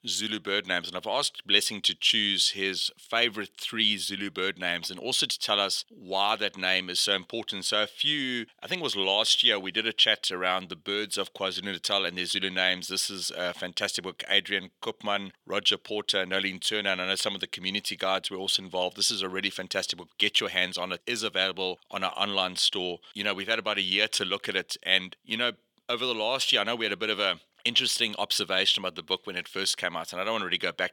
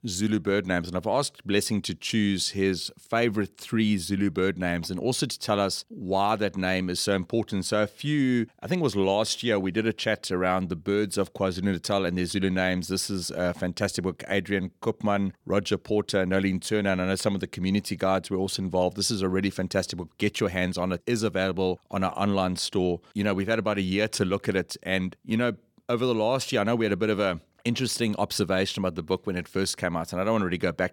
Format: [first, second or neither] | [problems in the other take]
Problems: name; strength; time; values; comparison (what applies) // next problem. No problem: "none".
second | thin; somewhat; fading below 850 Hz